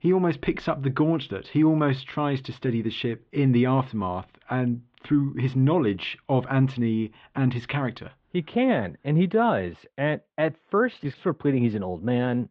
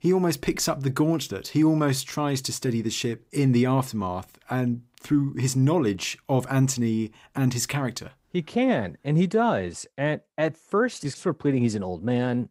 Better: second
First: muffled; very; fading above 3.5 kHz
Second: none

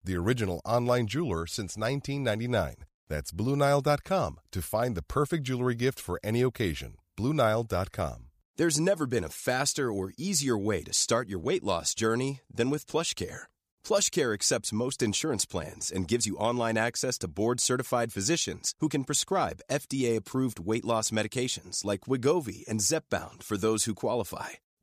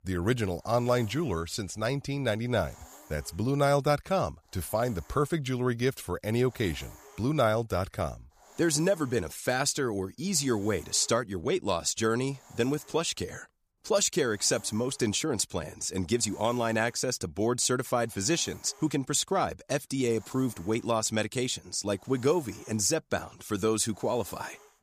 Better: first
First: none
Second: hiss; faint; throughout; 25 dB below the speech

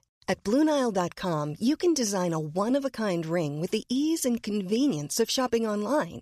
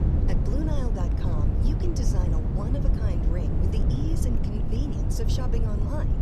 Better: first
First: none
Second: wind noise on the microphone; heavy; 1 dB above the speech

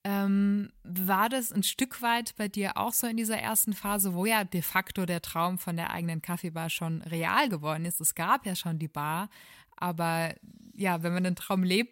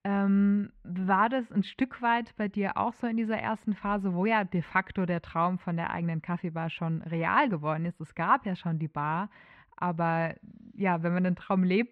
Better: first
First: none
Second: muffled; very; fading above 2 kHz

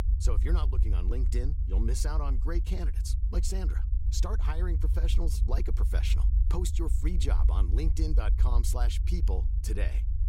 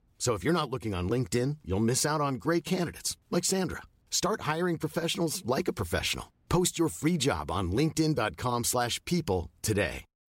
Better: second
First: low rumble; loud; throughout; 8 dB below the speech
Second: none

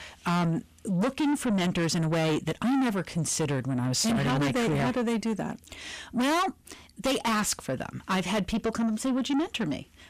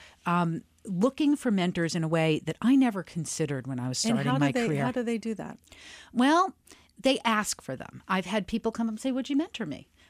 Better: second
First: distortion; heavy; 6 dB below the speech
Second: none

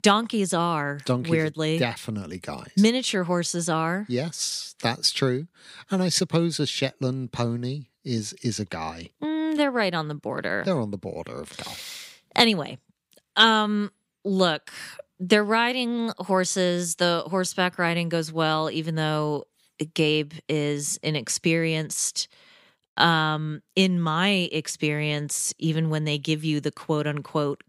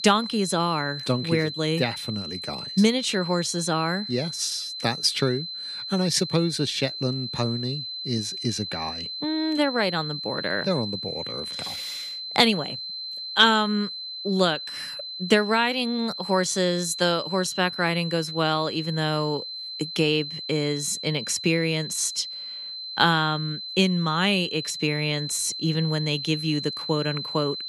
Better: first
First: none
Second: high-pitched whine; loud; throughout; 4 kHz, 7 dB below the speech

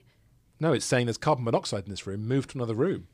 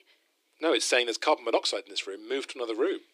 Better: first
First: none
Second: thin; very; fading below 300 Hz

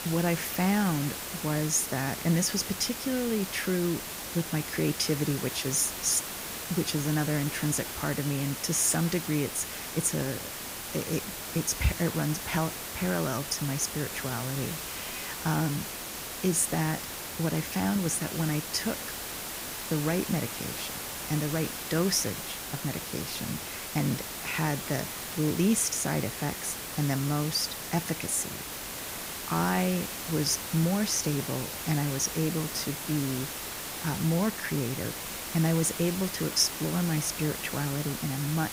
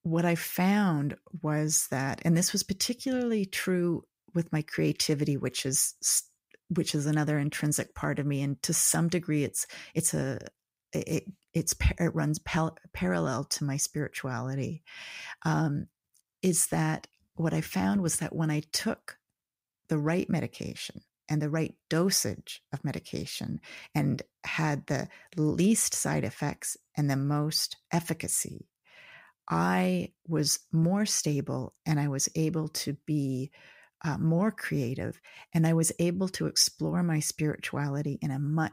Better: second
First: hiss; loud; throughout; 5 dB below the speech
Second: none

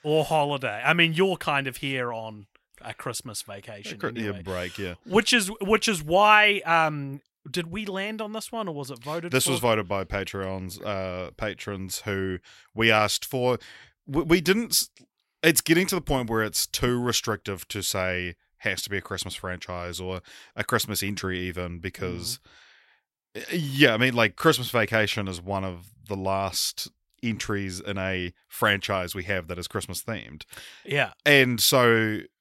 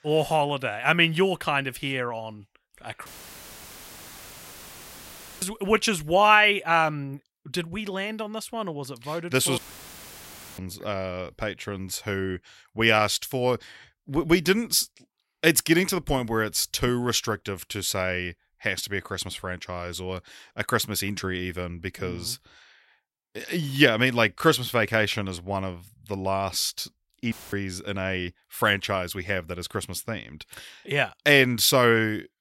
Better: first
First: none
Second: audio cutting out; filled with static; at 3 s for 2.5 s, at 9.5 s for 1 s and at 27 s

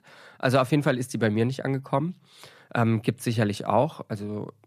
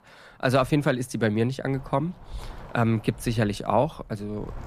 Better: first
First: none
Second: wind noise on the microphone; occasional gusts; 25 dB below the speech

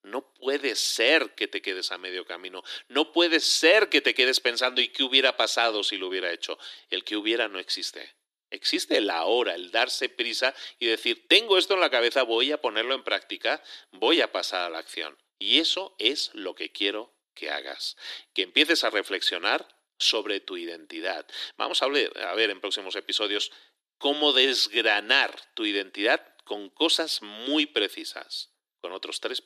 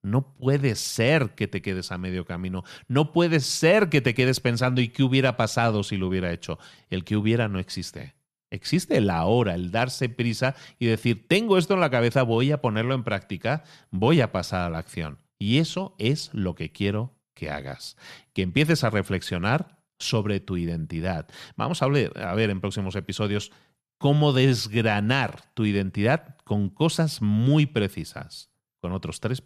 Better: second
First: thin; very; fading below 300 Hz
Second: none

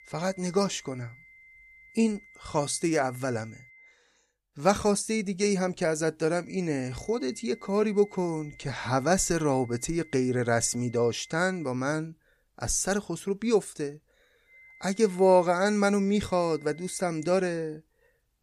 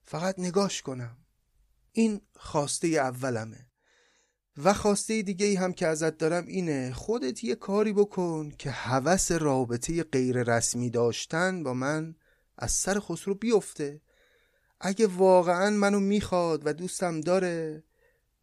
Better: second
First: high-pitched whine; faint; until 4 s, from 6.5 to 12 s and from 15 to 17 s; 2 kHz, 25 dB below the speech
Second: none

